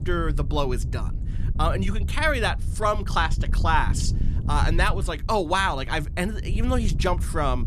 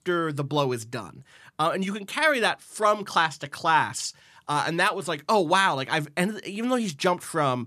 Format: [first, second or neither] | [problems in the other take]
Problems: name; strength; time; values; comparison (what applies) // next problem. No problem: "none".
second | wind noise on the microphone; occasional gusts; 20 dB below the speech